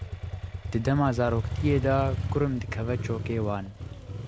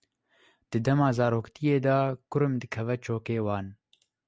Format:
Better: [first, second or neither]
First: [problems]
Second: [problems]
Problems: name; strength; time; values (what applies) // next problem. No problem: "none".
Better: second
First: background sound (Motorcycle); 4 dB below the speech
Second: none